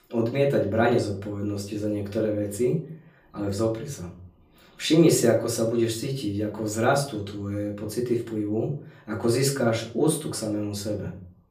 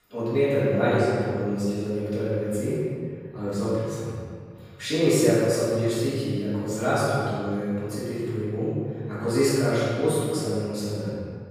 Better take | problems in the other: first | room echo; strong; dies away in 1.9 s; slight in the first // off-mic speech; far; far in the first

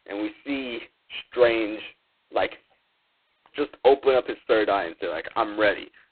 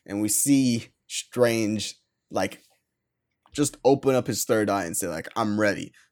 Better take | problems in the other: second | phone-call audio; poor line; nothing above 4 kHz

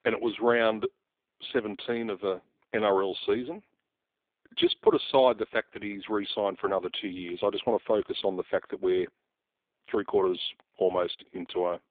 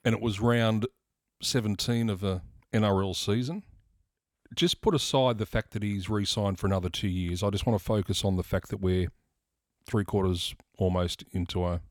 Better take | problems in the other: second | phone-call audio; poor line; nothing above 3.5 kHz

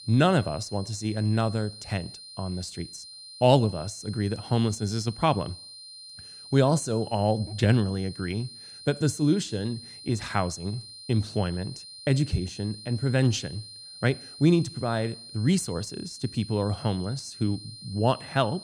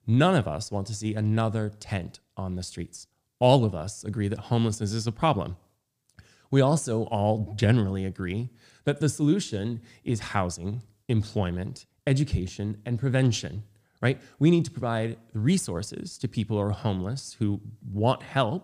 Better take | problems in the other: second | high-pitched whine; noticeable; throughout; 4 kHz, 15 dB below the speech

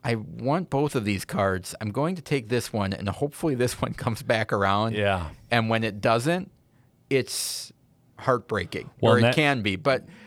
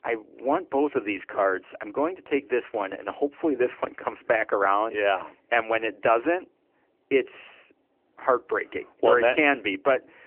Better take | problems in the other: first | phone-call audio; nothing above 3 kHz

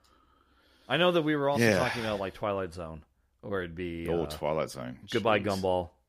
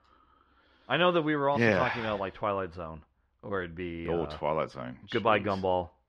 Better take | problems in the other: first | muffled; slightly; fading above 3 kHz

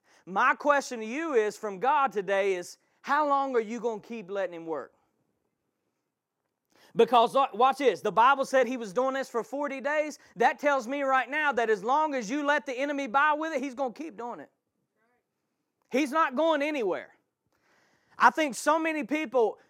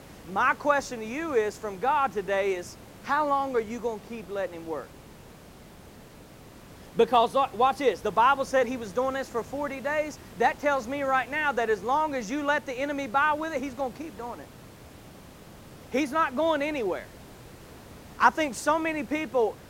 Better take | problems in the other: first | hiss; faint; throughout; 20 dB below the speech

